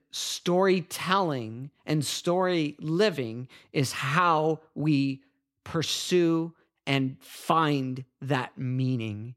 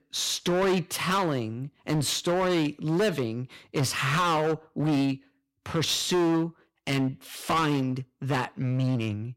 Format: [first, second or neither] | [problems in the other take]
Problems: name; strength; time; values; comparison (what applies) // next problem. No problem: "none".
first | distortion; heavy; 15% of the sound clipped